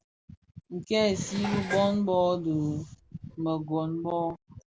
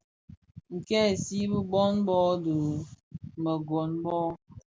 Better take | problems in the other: second | background sound (Dishes, pots, and pans); 13 dB below the speech

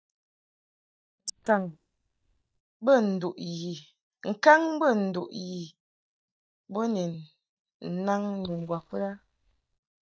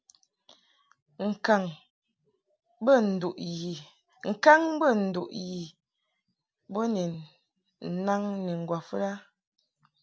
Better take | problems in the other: second | noise reduction (neural mask model DeepFilterNet 3)

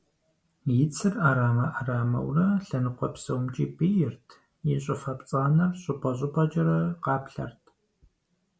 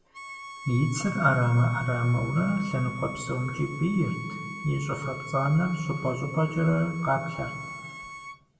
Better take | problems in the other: first | background sound (Bowed string instrument); 12 dB below the speech // room echo; dies away in 1.6 s

